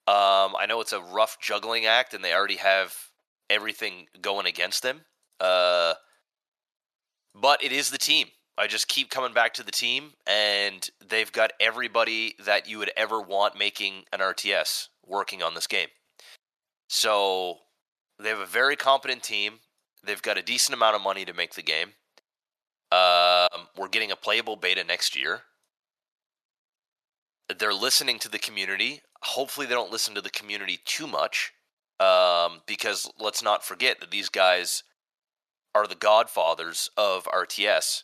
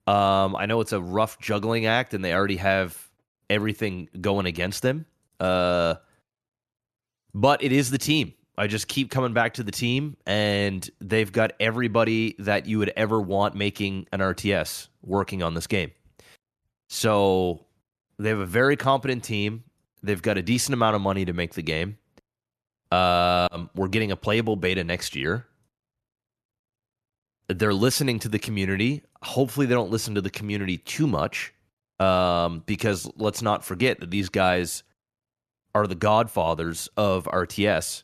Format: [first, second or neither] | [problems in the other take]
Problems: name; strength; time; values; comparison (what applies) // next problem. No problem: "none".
second | thin; very; fading below 750 Hz